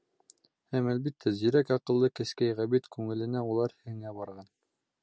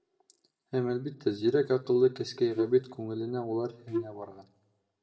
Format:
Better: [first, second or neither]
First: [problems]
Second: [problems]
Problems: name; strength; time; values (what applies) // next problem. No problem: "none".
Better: first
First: none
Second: background sound (Wind instrument, woodwind instrument); 6 dB below the speech // room echo; dies away in 0.8 s